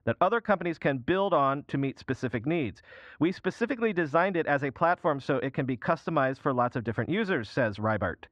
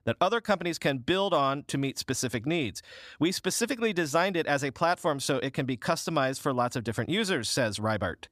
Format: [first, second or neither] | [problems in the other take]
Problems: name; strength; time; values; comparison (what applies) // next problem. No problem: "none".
second | muffled; very; fading above 1.5 kHz